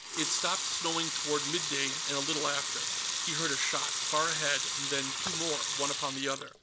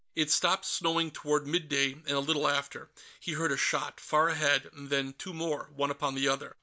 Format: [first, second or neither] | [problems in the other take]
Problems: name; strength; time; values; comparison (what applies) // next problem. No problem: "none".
second | background sound (Sink (filling or washing) / Water tap, faucet / Liquid); 1 dB above the speech